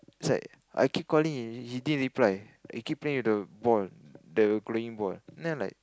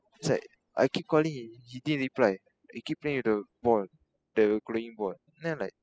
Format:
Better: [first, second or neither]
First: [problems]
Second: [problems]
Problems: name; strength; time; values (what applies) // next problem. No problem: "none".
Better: first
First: none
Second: noise reduction (classical method spectral subtraction)